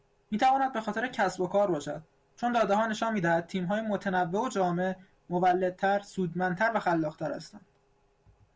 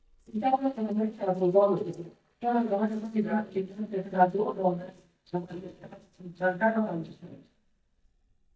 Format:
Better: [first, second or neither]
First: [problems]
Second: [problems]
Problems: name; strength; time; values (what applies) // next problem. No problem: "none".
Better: first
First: none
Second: noise reduction (neural mask model DeepFilterNet 3)